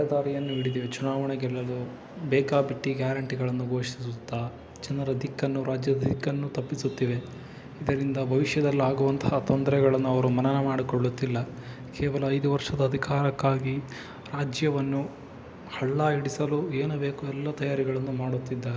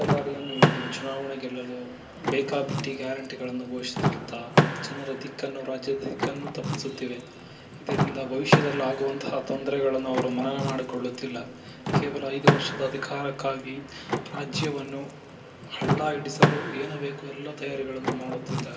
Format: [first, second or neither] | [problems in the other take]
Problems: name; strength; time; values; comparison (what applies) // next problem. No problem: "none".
first | background sound (Door / Car); 2 dB above the speech // room echo; dies away in 0.2 s